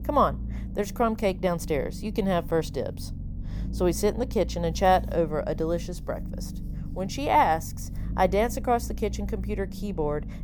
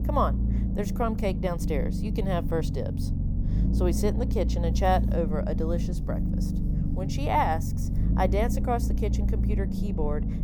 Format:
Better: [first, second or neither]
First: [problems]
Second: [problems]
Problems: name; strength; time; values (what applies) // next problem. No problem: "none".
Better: first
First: low rumble; faint; throughout; 20 dB below the speech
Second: low rumble; loud; throughout; 9 dB below the speech